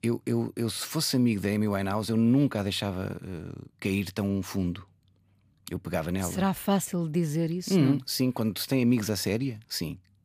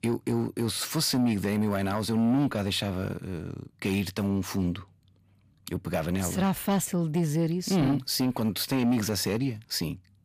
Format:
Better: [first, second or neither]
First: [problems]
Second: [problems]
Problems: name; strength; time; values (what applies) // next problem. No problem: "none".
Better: first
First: none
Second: distortion; slight; 10 dB below the speech